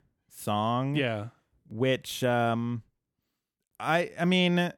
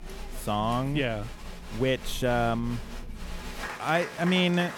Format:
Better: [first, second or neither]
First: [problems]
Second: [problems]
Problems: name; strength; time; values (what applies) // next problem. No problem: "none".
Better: first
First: none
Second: crowd noise; noticeable; throughout; 10 dB below the speech